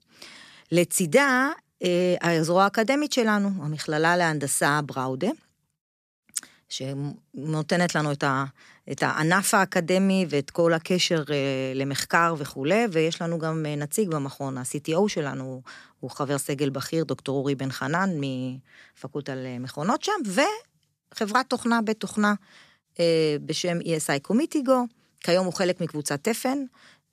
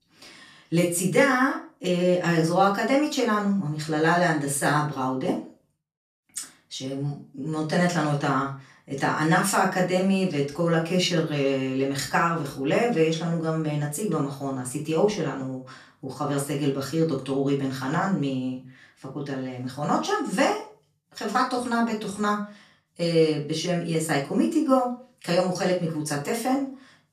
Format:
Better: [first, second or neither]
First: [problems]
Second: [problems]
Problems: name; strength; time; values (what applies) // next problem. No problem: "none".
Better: first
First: none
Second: off-mic speech; far // room echo; slight; dies away in 0.3 s